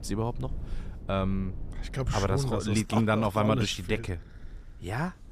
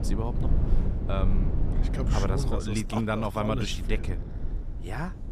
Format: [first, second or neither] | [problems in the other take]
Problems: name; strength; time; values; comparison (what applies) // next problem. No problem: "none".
first | low rumble; loud; throughout; 10 dB below the speech; faint in the first